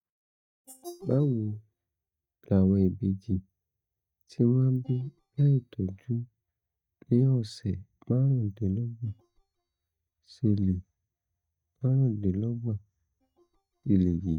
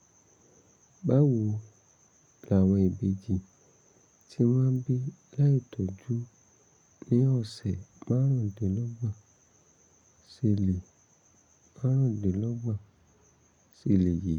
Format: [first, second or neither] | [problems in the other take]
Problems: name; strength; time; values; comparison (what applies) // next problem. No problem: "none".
second | noise reduction (neural mask model DeepFilterNet 3)